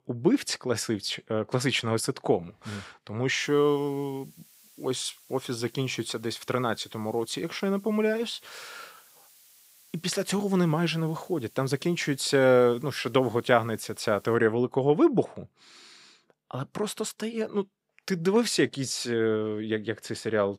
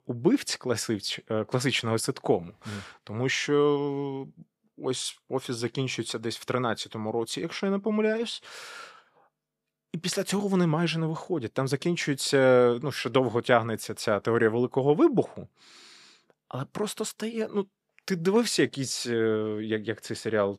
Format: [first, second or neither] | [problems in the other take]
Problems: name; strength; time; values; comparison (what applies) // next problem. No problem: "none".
second | hiss; faint; from 3.5 to 14 s; 25 dB below the speech